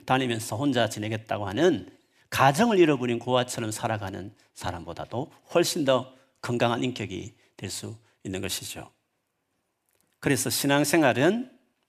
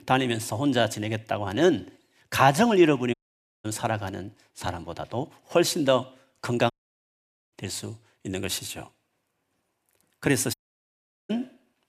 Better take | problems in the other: first | audio cutting out; at 3 s for 0.5 s, at 6.5 s for 1 s and at 11 s for 1 s

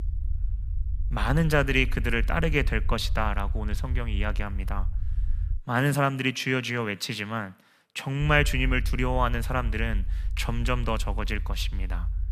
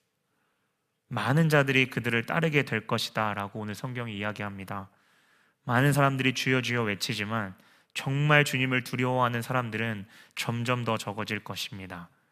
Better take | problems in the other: second | low rumble; faint; until 5.5 s and from 8 s on; 25 dB below the speech

